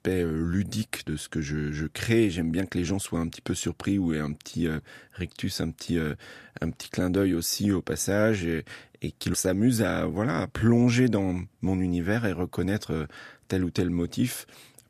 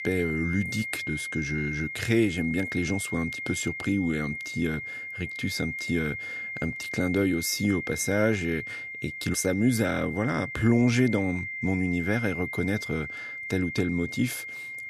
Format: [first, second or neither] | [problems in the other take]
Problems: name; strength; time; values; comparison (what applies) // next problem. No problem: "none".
first | high-pitched whine; loud; throughout; 2 kHz, 6 dB below the speech